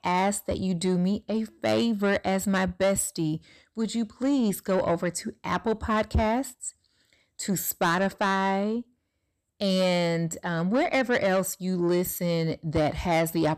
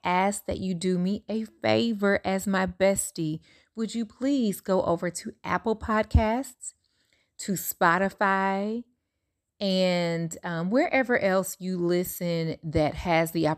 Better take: second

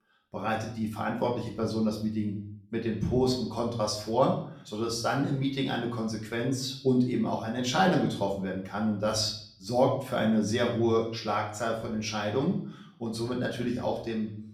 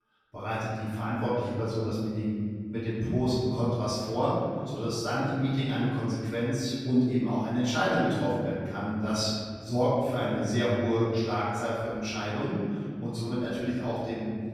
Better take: first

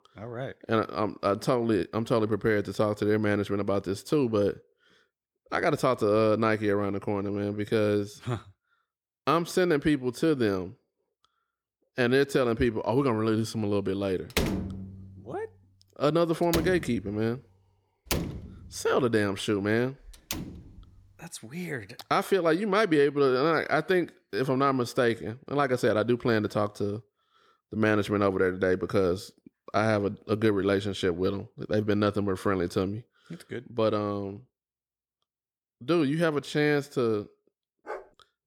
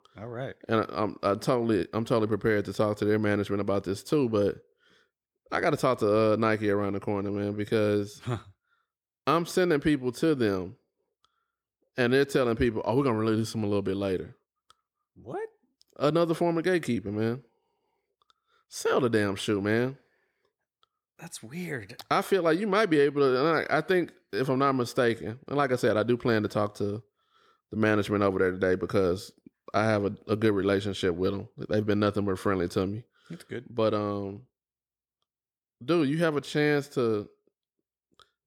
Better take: second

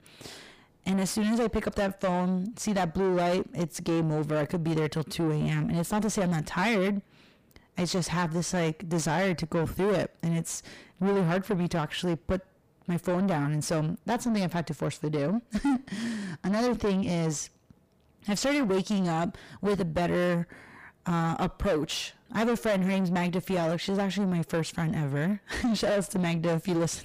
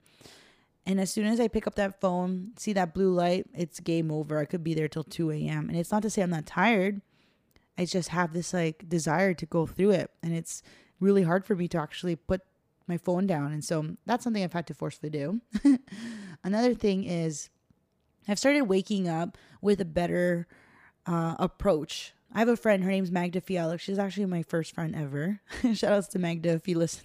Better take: second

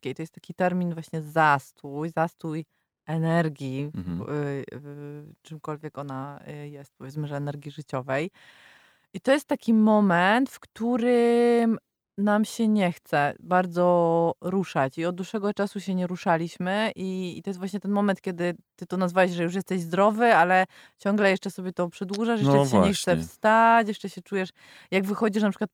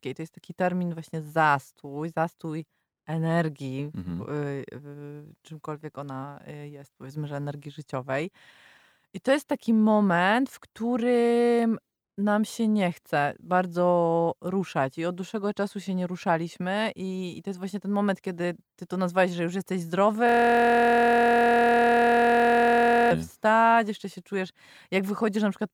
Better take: first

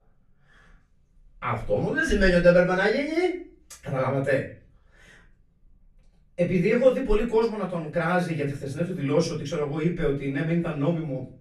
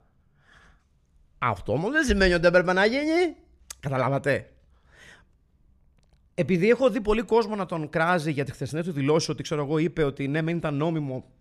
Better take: second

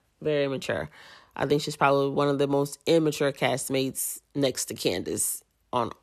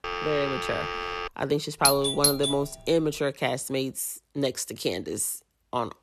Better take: first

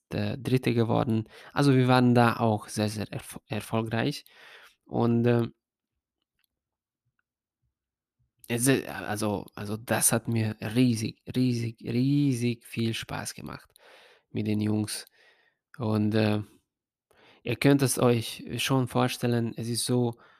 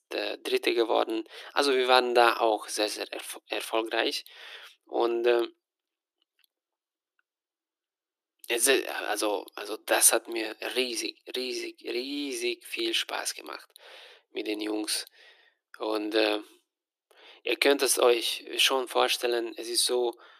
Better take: first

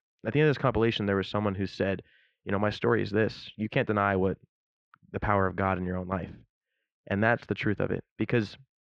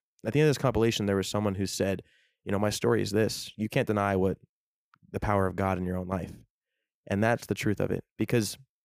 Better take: second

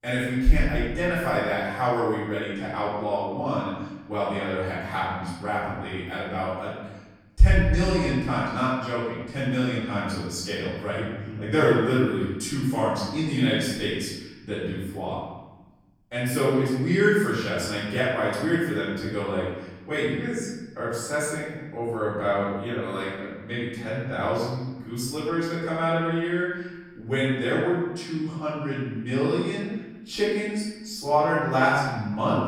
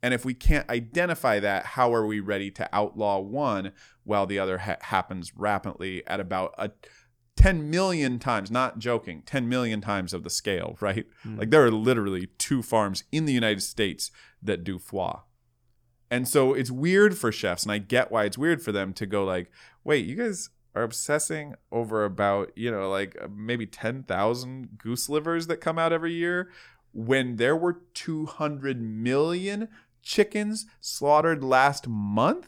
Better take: second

